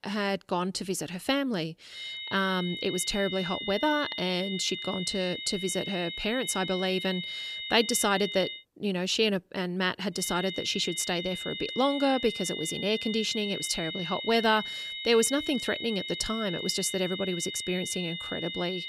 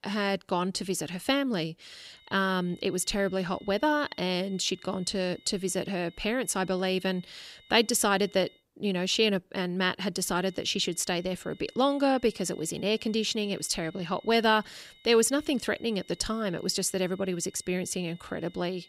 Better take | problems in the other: second | high-pitched whine; loud; from 2 to 8.5 s and from 10 s on; 3.5 kHz, 6 dB below the speech; faint in the second

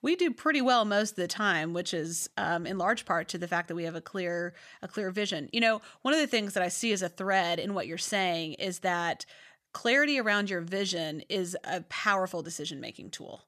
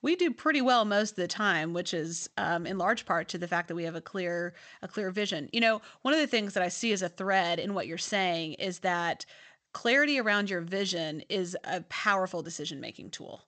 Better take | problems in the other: first | garbled, watery; slightly; nothing above 8 kHz

